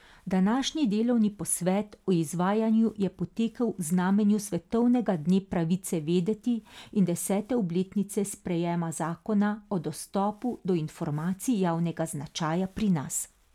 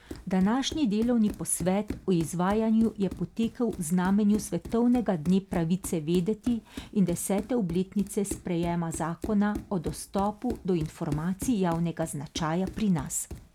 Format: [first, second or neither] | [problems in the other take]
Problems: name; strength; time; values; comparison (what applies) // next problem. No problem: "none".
first | background sound (Run); 15 dB below the speech